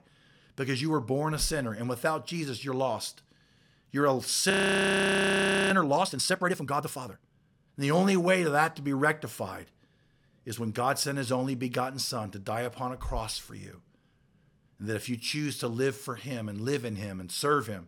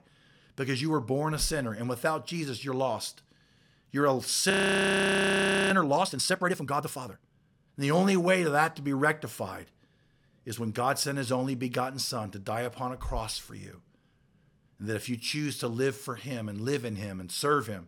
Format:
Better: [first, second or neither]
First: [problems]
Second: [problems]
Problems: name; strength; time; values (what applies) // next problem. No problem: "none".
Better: neither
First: audio freezing; at 4.5 s for 1 s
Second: audio freezing; at 4.5 s for 1 s